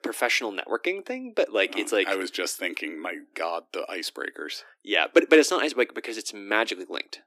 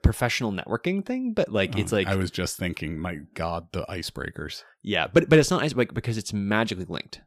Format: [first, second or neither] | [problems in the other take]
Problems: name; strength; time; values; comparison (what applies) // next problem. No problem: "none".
second | thin; somewhat; fading below 300 Hz